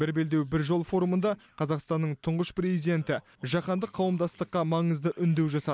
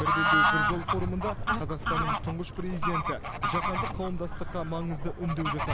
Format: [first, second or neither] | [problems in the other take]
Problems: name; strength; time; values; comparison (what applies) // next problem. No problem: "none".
first | background sound (Bird / Fowl); 5 dB above the speech